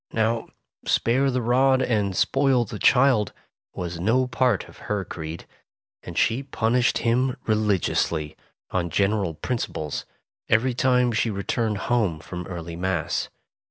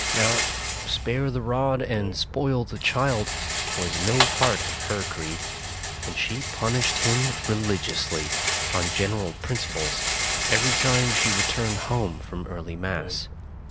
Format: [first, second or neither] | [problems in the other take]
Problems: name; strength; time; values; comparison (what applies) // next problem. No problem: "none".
first | background sound (Rattle); as loud as the speech